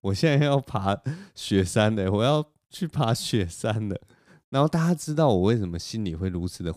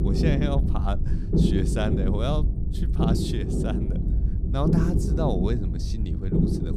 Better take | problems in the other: first | low rumble; loud; throughout; 1 dB below the speech

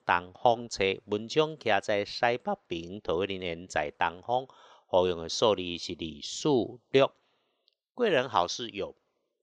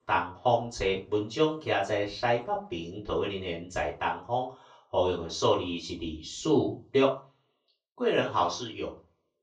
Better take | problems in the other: first | off-mic speech; far // room echo; slight; dies away in 0.3 s

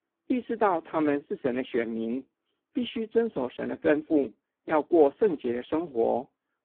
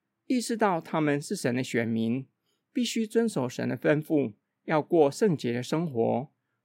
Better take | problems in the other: second | phone-call audio; poor line

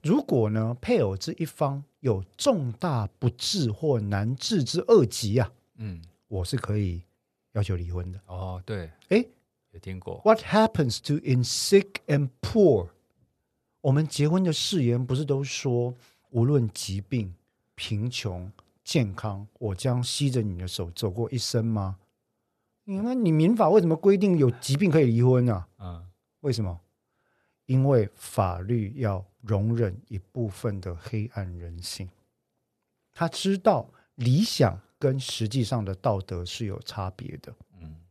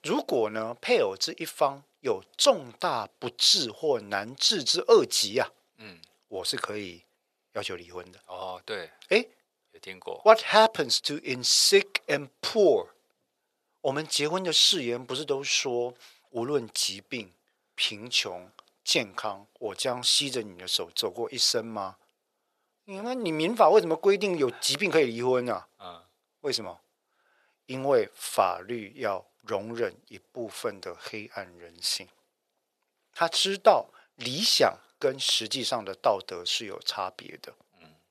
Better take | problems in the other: first | thin; very; fading below 500 Hz

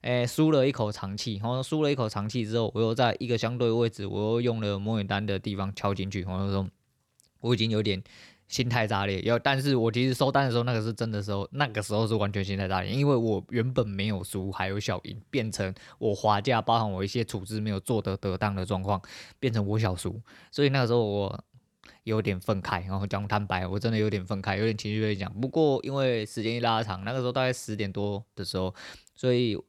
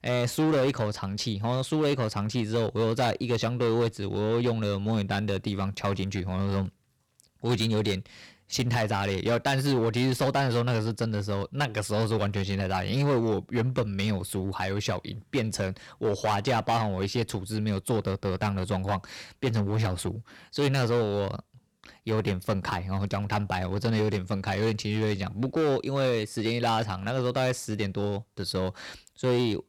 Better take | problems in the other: first | distortion; slight; 9% of the sound clipped

